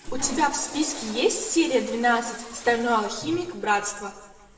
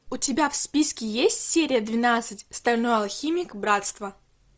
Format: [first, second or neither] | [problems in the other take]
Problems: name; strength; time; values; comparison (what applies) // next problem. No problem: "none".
second | background sound (Toilet flush / Water); 16 dB below the speech // room echo; dies away in 1.2 s